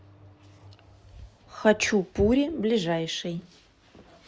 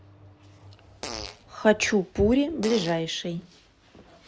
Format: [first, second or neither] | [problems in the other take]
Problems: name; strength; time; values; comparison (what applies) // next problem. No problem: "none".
first | background sound (Fart); 14 dB below the speech